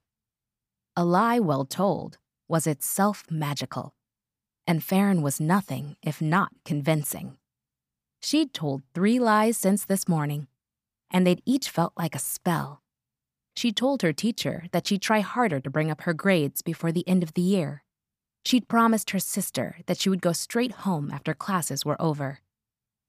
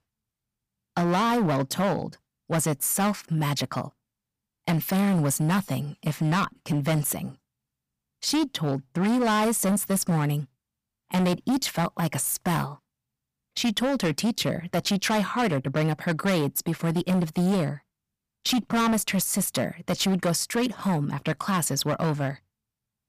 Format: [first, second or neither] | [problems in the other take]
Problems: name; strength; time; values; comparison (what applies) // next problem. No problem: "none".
first | distortion; heavy; 15% of the sound clipped